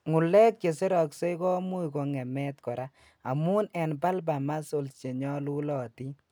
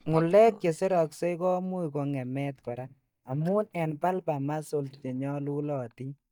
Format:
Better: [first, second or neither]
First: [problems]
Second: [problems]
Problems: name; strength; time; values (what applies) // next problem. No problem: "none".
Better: first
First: none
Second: noise reduction (neural mask model DeepFilterNet 3)